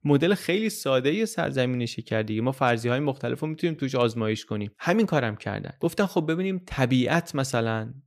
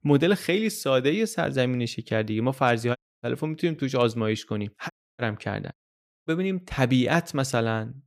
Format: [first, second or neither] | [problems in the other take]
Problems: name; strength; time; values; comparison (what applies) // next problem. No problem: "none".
first | audio cutting out; at 3 s, at 5 s and at 5.5 s for 0.5 s